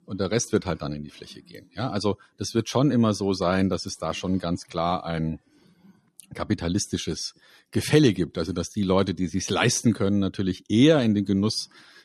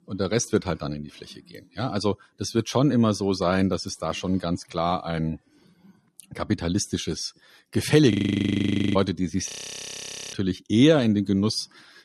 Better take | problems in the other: first | audio freezing; at 8 s for 1 s and at 9.5 s for 1 s

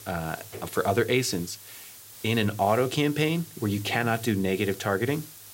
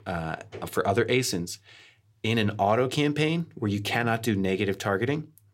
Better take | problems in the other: second | hiss; noticeable; throughout; 15 dB below the speech

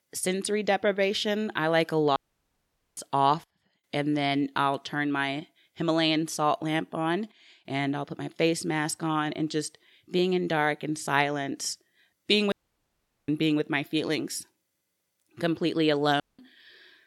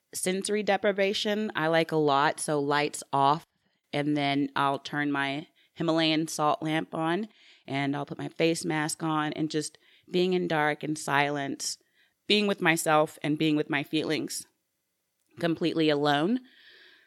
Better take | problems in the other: second | audio cutting out; at 2 s for 1 s, at 13 s for 1 s and at 16 s

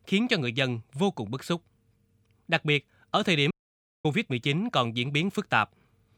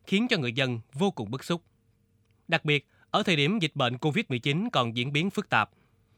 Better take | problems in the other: second | audio cutting out; at 3.5 s for 0.5 s

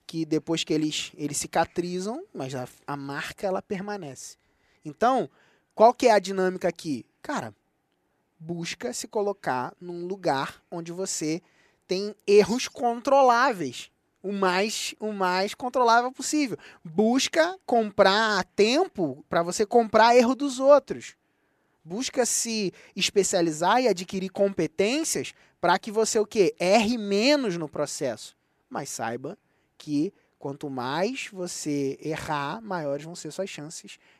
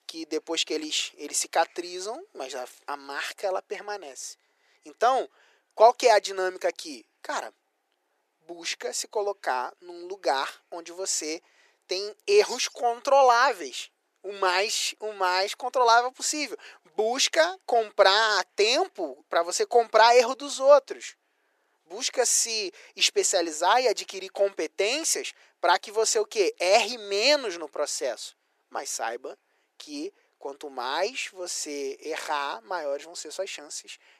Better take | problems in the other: first | thin; very; fading below 400 Hz

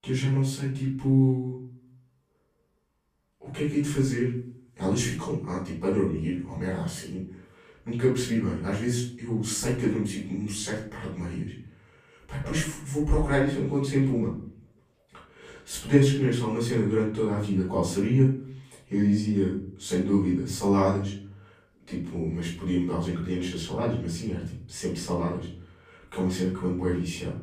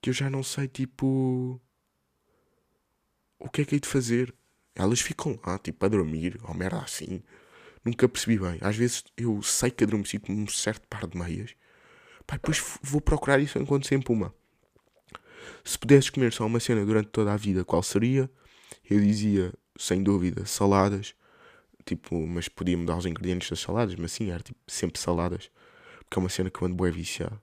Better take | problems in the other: second | off-mic speech; far // room echo; noticeable; dies away in 0.5 s

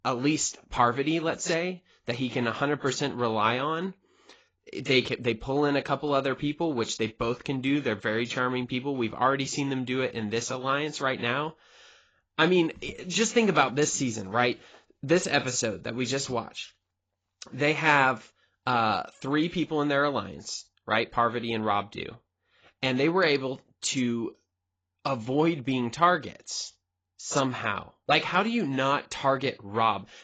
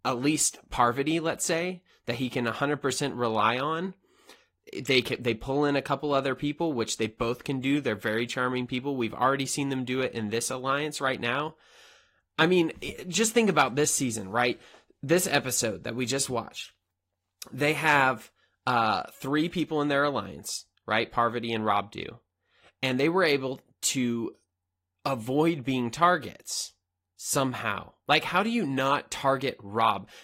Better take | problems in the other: second | garbled, watery; badly; nothing above 7.5 kHz; slightly in the second

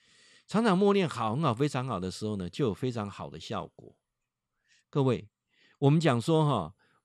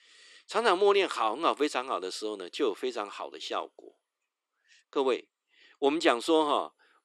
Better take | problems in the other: first | thin; very; fading below 300 Hz

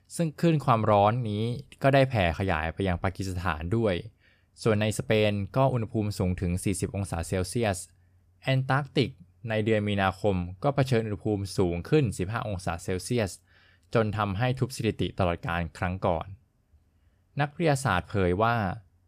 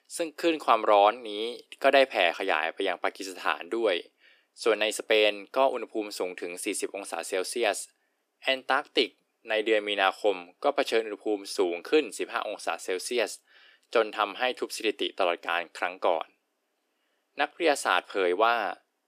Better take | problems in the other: first | thin; very; fading below 300 Hz

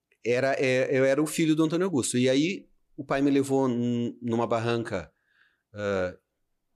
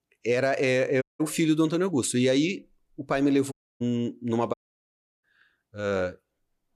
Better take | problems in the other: first | audio cutting out; at 1 s, at 3.5 s and at 4.5 s for 0.5 s

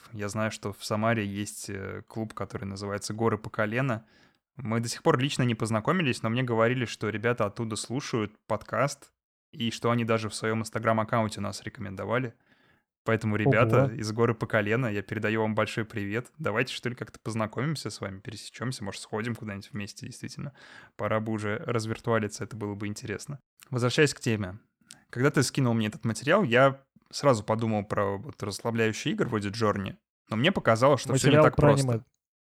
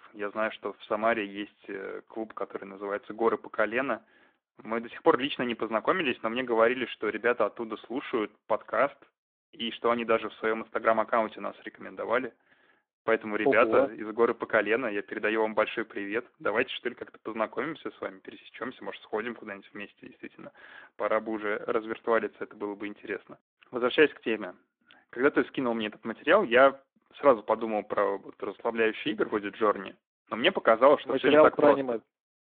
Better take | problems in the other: first | phone-call audio

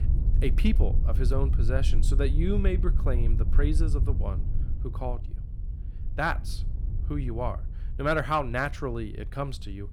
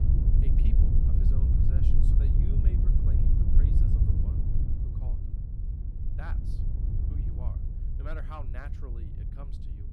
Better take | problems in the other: first | wind noise on the microphone; heavy; 5 dB above the speech; occasional gusts in the first

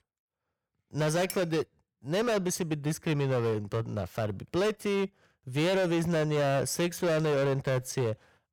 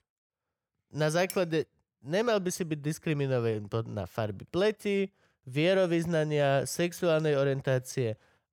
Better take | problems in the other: second | distortion; slight; 17% of the sound clipped

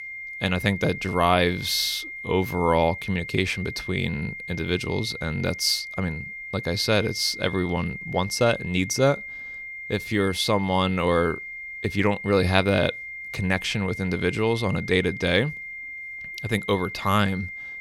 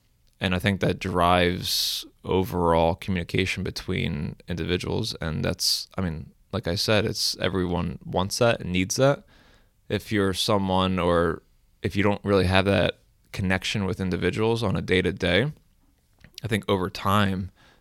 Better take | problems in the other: second | high-pitched whine; loud; throughout; 2 kHz, 10 dB below the speech

